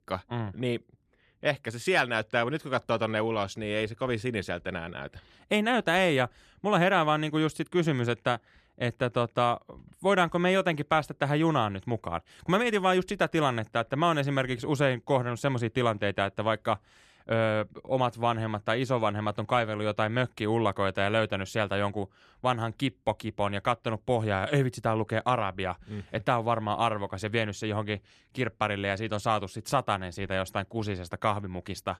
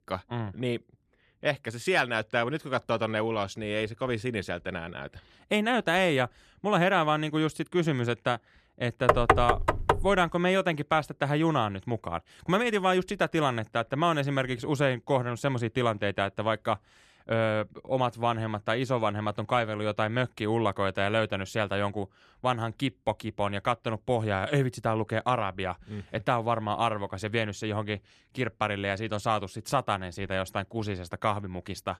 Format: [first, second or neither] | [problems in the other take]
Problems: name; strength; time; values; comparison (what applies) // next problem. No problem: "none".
first | door banging; loud; at 9 s; peak 6 dB above the speech